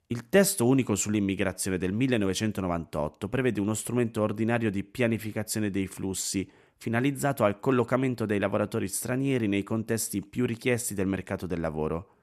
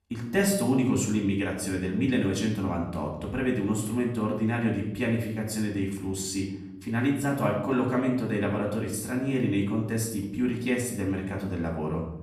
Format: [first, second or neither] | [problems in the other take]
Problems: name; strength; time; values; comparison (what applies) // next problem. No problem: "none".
first | off-mic speech; far // room echo; noticeable; dies away in 0.8 s